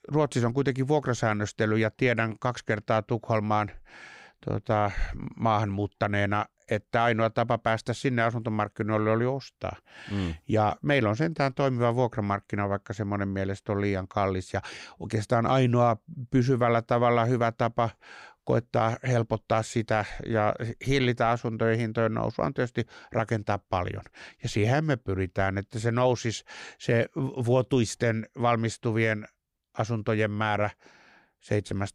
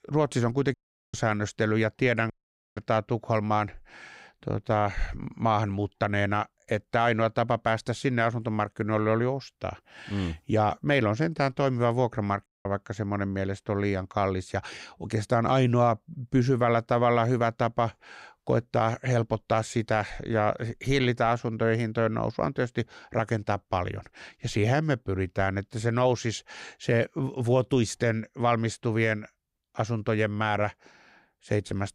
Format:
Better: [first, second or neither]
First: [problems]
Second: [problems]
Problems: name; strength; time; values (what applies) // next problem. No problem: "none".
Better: first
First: none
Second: audio cutting out; at 0.5 s, at 2.5 s and at 12 s